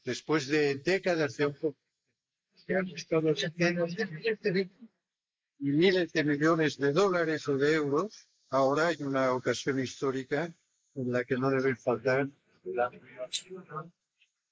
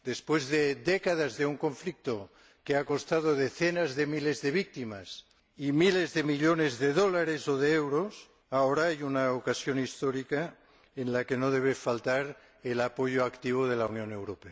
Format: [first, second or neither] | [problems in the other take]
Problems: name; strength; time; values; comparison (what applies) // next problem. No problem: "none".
second | noise reduction (neural mask model Resemble Enhance denoiser)